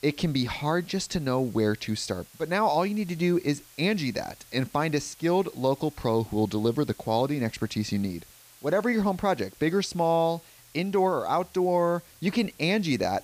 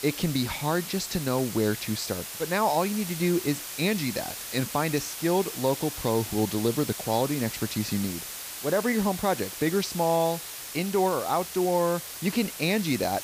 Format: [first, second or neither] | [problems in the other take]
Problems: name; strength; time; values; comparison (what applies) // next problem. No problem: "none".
first | hiss; loud; throughout; 7 dB below the speech; faint in the first